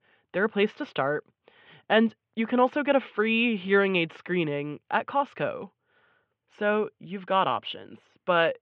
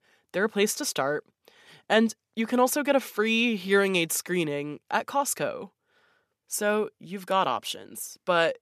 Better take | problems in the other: second | muffled; very; fading above 3 kHz

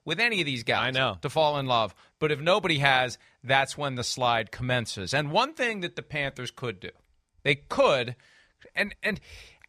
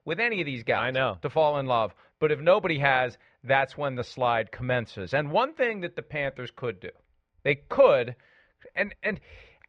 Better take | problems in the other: first | muffled; very; fading above 2 kHz

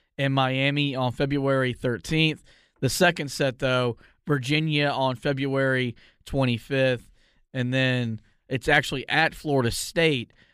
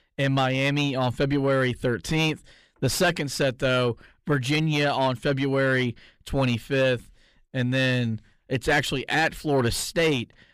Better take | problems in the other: first | distortion; slight; 10 dB below the speech

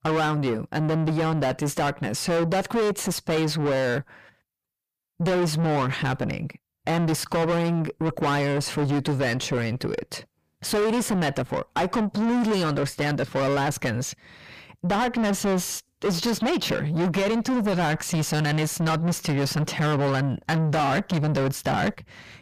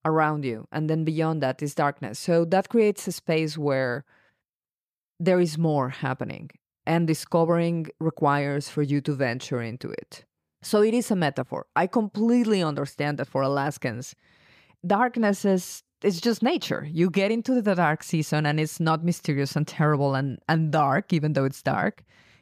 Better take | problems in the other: second | distortion; heavy; 5 dB below the speech

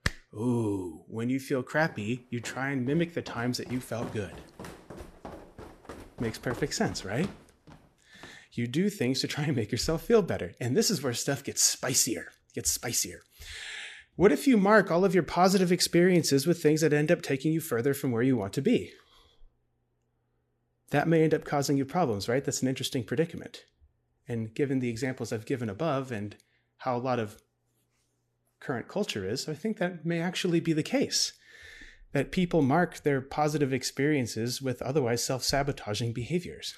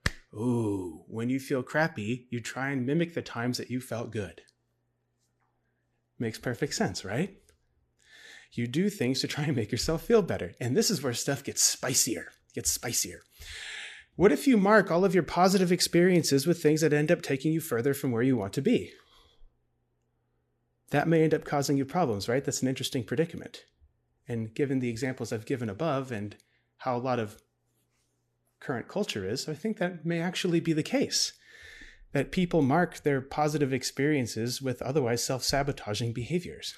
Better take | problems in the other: second | footsteps; faint; from 2 to 8.5 s; peak 15 dB below the speech

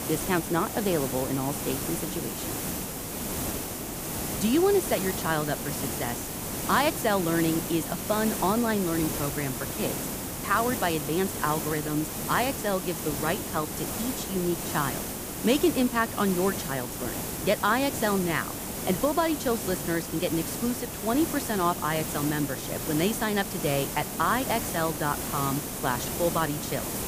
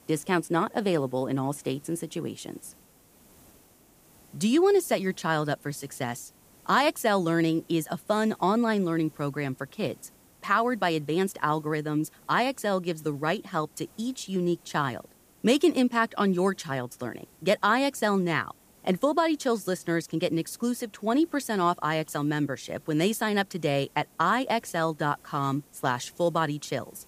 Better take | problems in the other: second | hiss; loud; throughout; 4 dB below the speech; faint in the second

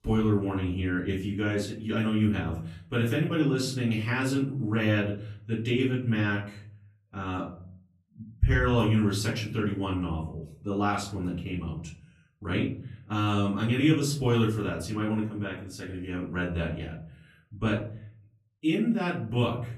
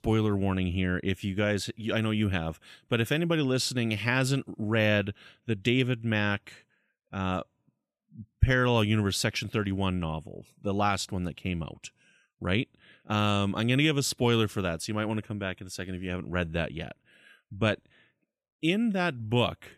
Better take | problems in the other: second | off-mic speech; far // room echo; slight; dies away in 0.6 s

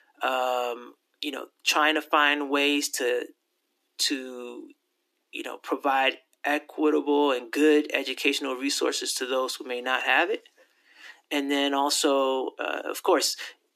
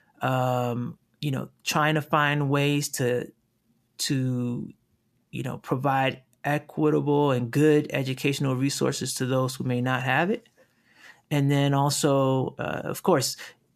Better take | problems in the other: second | thin; very slightly; fading below 300 Hz

